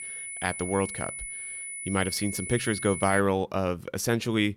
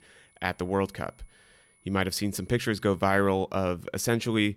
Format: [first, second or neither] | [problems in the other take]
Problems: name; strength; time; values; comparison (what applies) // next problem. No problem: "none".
second | high-pitched whine; loud; until 3 s; 10 kHz, 7 dB below the speech; faint in the second